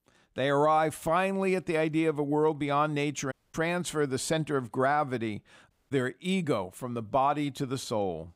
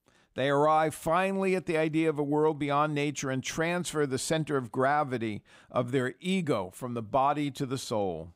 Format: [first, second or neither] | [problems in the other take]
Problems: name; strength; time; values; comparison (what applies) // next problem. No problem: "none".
second | audio cutting out; at 3.5 s and at 5.5 s